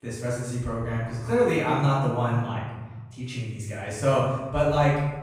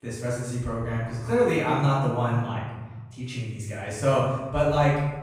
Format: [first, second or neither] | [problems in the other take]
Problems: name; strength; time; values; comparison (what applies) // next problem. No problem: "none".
neither | room echo; strong; dies away in 1.2 s; the same in both // off-mic speech; far; the same in both